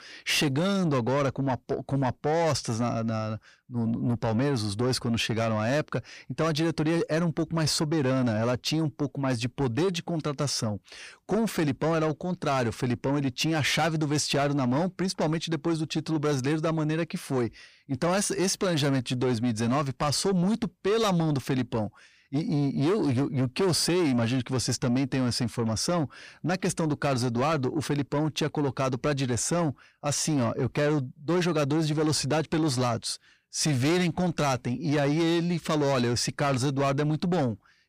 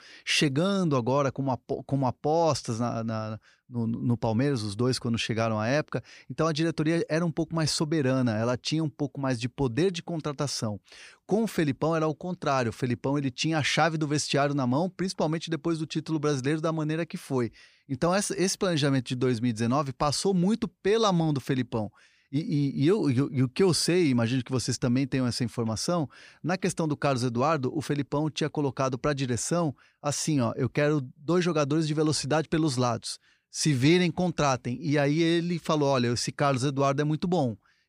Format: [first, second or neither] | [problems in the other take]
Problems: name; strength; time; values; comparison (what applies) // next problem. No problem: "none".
second | distortion; slight; 10 dB below the speech